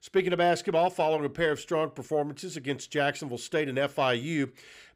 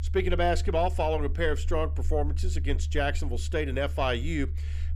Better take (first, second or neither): first